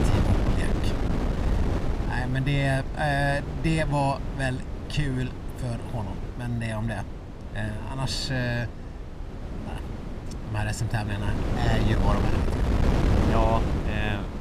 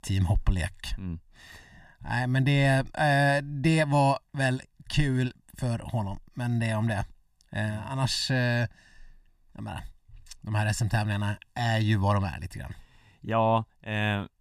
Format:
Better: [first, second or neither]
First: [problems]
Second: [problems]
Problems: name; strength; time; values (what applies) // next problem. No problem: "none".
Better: second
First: wind noise on the microphone; heavy; 5 dB below the speech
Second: none